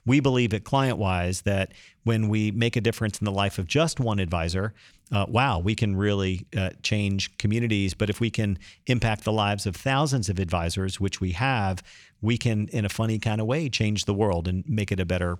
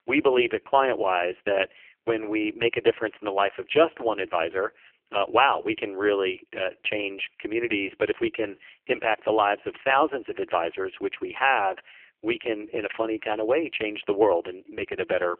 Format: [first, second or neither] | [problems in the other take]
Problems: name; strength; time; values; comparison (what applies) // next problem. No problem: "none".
first | phone-call audio; poor line; nothing above 3 kHz